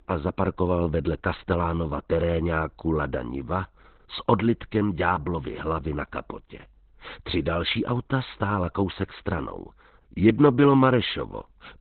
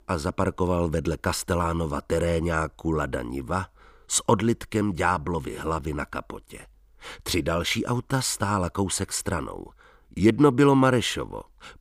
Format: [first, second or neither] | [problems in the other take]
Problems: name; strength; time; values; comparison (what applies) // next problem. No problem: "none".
second | garbled, watery; badly; nothing above 4 kHz